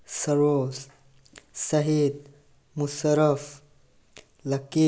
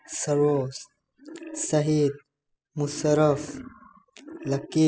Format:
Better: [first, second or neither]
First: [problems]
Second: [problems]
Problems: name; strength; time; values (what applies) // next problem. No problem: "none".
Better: first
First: none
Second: noise reduction (classical method spectral subtraction)